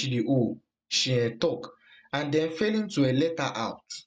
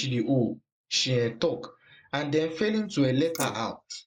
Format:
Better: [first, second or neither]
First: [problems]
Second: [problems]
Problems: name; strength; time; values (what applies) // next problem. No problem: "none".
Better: first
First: none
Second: noise reduction (neural mask model Resemble Enhance denoiser)